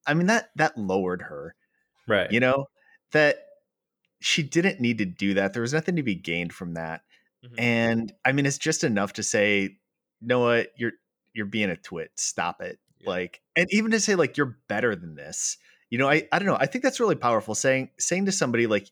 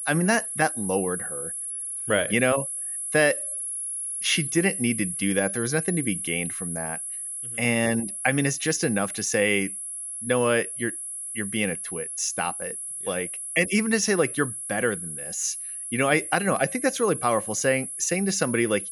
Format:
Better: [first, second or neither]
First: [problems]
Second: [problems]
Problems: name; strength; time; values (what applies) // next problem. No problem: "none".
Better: first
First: none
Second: high-pitched whine; loud; throughout; 11 kHz, 5 dB below the speech